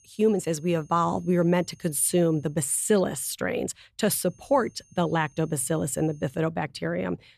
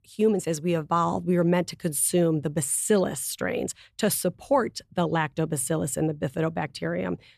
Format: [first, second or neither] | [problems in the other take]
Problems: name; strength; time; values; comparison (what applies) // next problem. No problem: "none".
second | high-pitched whine; faint; until 2.5 s and from 4.5 to 6.5 s; 6.5 kHz, 35 dB below the speech